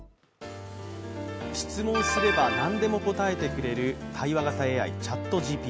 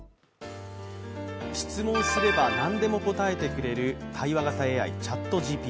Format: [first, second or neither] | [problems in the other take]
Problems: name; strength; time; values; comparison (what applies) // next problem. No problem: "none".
second | background sound (Train); 18 dB below the speech